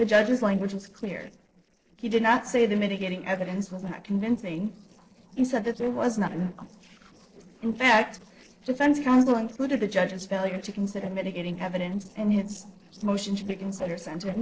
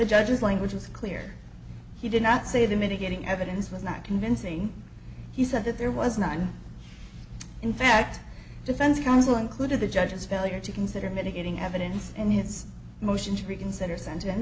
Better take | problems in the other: second | noise reduction (neural separator model SepFormer DNS4)

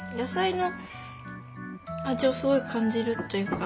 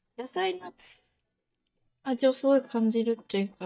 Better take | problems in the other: first | noise reduction (neural mask model DeepFilterNet 3)

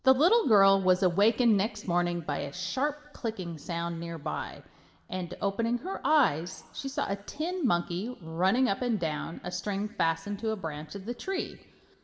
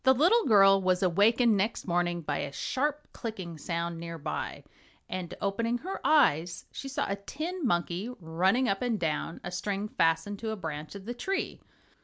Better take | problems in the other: second | room echo; dies away in 1.4 s

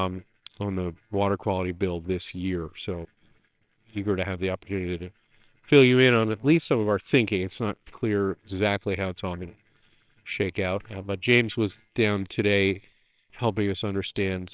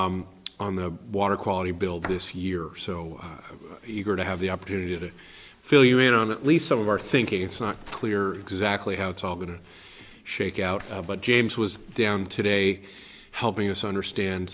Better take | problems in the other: second | noise reduction (neural separator model SepFormer WHAMR!)

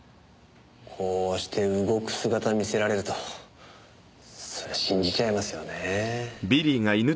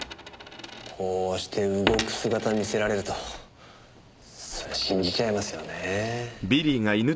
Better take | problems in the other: first | background sound (Coin (dropping)); 11 dB below the speech

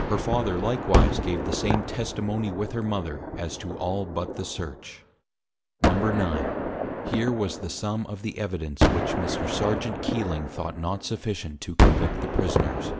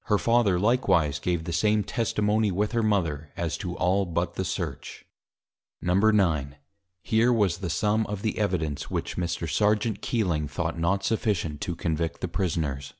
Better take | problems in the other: second | background sound (Gunshot, gunfire); 2 dB above the speech

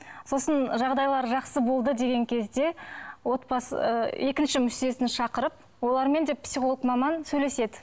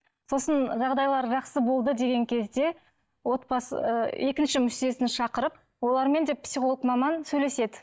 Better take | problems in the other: first | noise reduction (neural mask model DeepFilterNet 3)

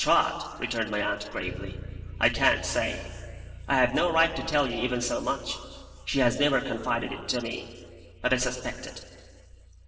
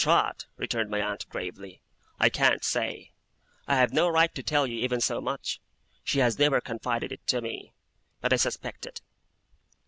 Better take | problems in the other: second | background sound (Bass guitar); 15 dB below the speech // room echo; dies away in 2.1 s

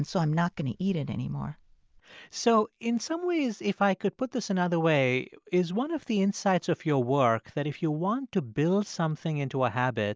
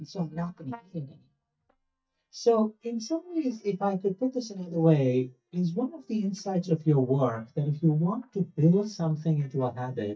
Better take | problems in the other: first | noise reduction (neural mask model DeepFilterNet 3)

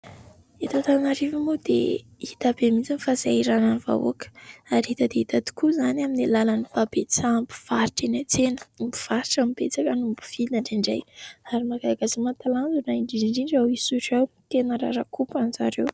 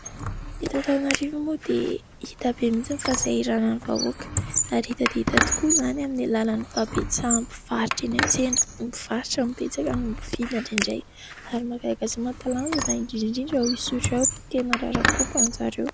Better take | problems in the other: first | background sound (Squeak); 3 dB below the speech

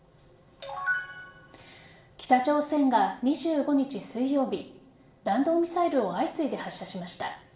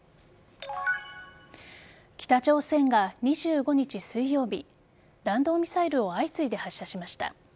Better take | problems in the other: second | room echo; dies away in 0.9 s

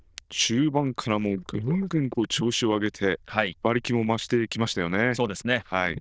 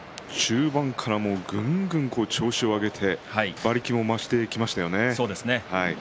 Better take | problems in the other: second | noise reduction (neural diffusion model UNIVERSE++)

